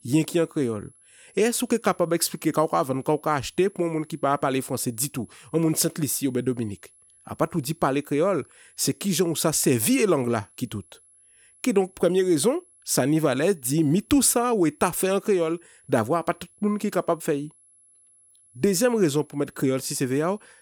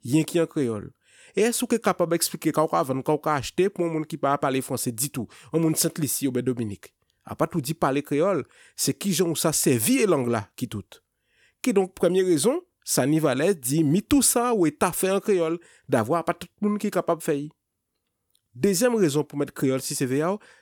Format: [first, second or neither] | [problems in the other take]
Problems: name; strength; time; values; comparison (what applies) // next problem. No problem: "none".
second | high-pitched whine; faint; throughout; 11 kHz, 30 dB below the speech